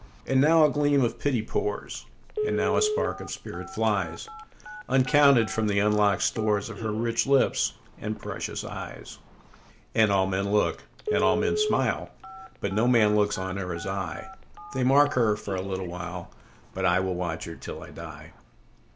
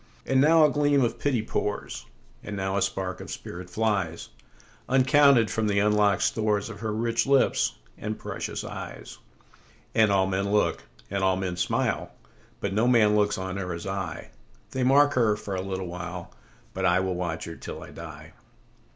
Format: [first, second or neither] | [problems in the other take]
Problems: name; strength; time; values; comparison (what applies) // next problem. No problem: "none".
second | background sound (Telephone); 10 dB below the speech